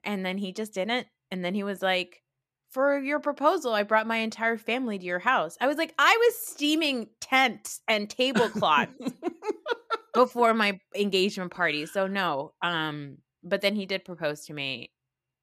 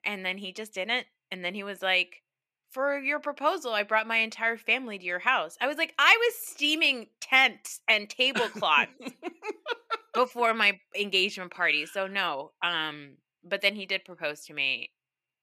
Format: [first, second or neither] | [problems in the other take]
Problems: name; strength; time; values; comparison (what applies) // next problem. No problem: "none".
first | thin; very slightly; fading below 400 Hz